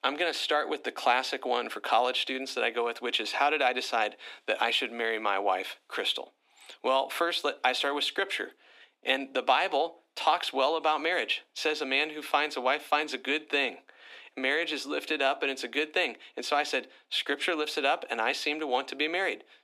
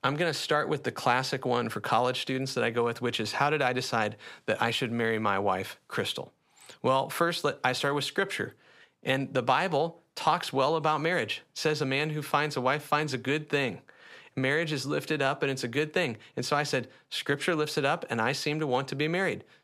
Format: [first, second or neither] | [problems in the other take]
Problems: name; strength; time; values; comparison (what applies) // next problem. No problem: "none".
second | thin; somewhat; fading below 300 Hz